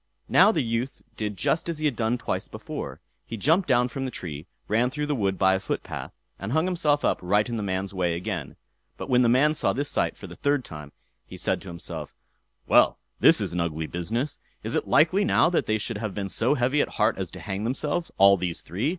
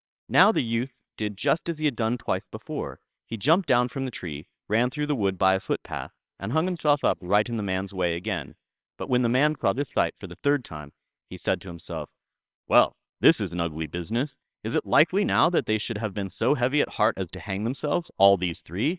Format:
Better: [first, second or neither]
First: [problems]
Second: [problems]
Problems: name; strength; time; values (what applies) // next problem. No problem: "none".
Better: first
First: none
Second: noise reduction (neural separator model SepFormer WHAMR!)